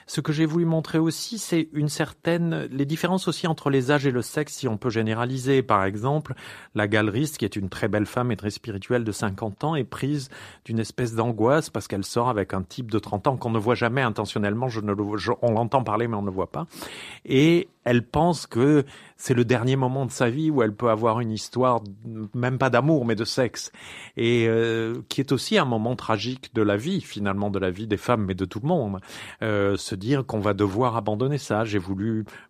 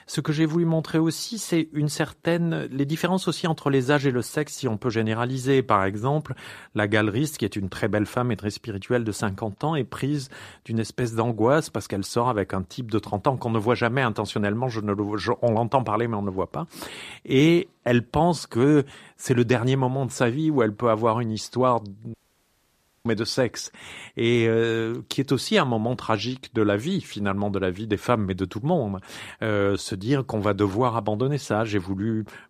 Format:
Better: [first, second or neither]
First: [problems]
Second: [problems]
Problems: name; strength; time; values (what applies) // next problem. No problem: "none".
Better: first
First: none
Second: audio cutting out; at 22 s for 1 s